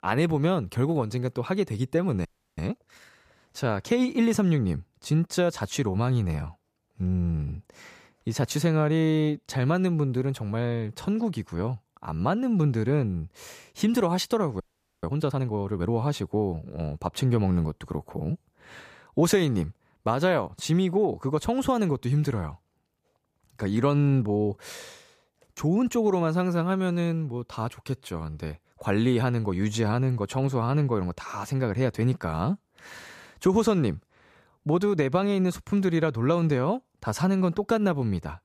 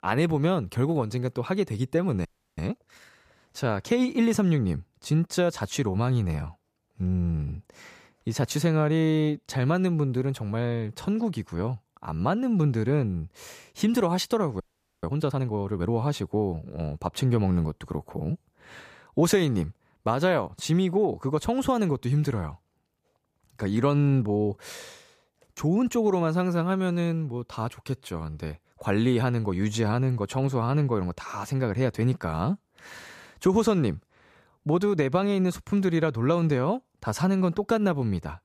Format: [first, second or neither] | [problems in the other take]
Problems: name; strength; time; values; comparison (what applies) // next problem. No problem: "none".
neither | audio freezing; at 2.5 s and at 15 s; the same in both